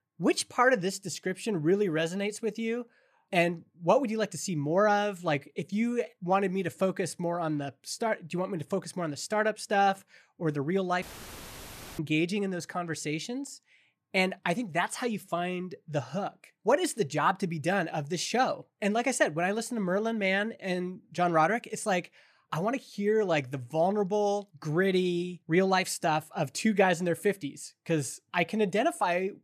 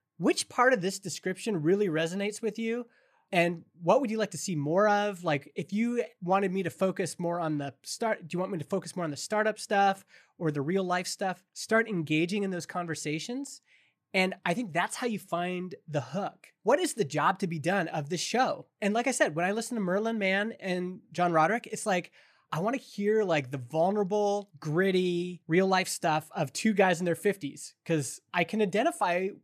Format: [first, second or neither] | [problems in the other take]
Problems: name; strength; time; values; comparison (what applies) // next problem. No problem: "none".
second | audio cutting out; filled with static; at 11 s for 1 s